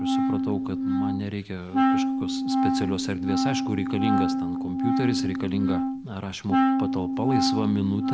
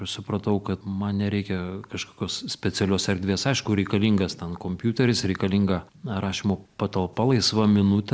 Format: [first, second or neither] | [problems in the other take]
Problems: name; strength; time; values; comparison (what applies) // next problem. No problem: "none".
second | background sound (Wind instrument, woodwind instrument); 5 dB above the speech